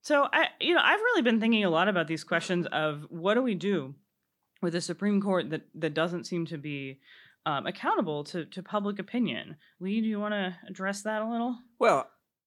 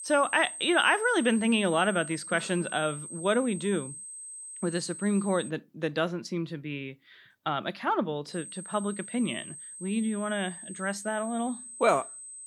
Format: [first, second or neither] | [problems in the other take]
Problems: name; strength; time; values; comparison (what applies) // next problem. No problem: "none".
first | high-pitched whine; noticeable; until 5.5 s and from 8.5 s on; 8.5 kHz, 10 dB below the speech